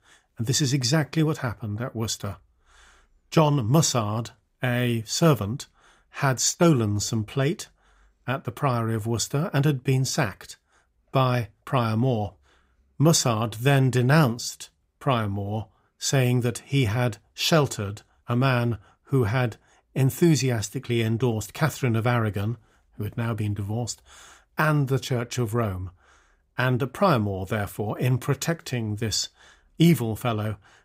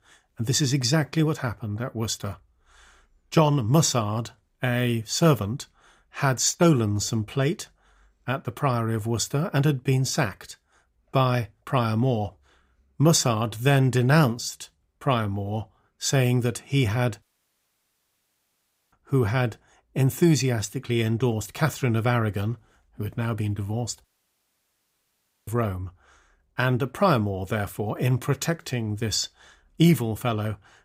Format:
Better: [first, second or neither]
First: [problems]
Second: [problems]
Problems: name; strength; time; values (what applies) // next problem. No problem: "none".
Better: first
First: none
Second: audio cutting out; at 17 s for 1.5 s and at 24 s for 1.5 s